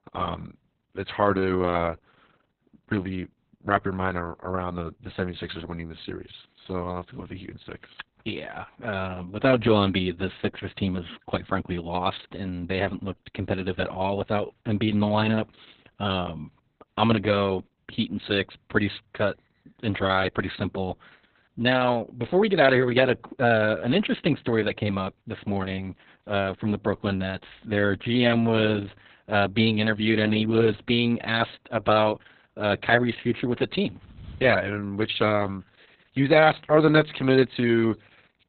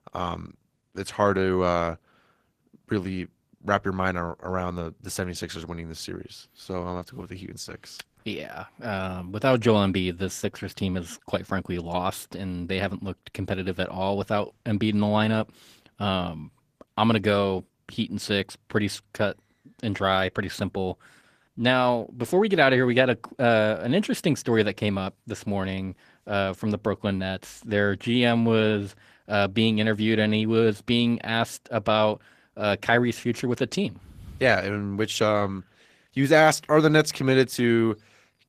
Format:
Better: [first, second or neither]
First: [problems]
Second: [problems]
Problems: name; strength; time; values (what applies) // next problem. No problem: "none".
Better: second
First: garbled, watery; badly; nothing above 4 kHz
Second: garbled, watery; slightly; nothing above 14.5 kHz